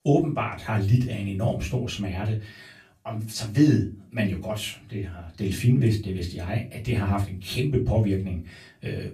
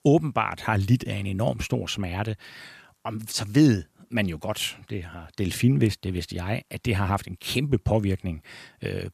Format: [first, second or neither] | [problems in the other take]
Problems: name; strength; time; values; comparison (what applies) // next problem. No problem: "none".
second | off-mic speech; far // room echo; very slight; dies away in 0.3 s